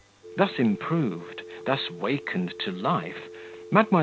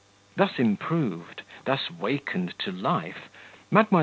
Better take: second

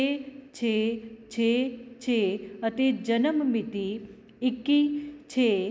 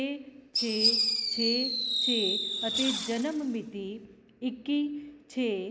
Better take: first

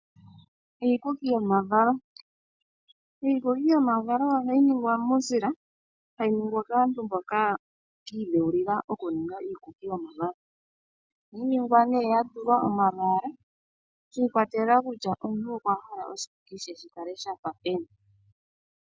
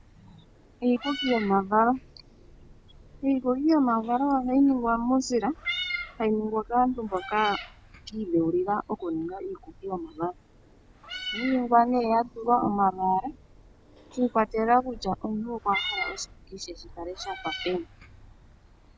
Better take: first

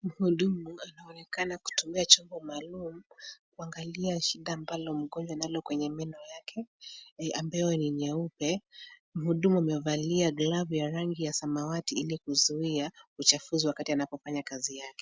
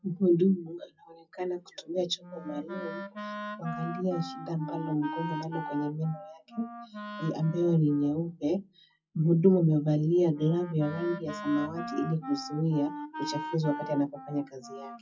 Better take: first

